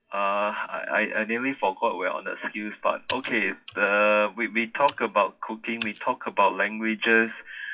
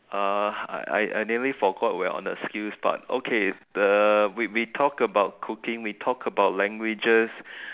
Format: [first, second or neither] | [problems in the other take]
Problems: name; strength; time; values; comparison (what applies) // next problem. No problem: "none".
second | noise reduction (classical method WPE with log-MMSE)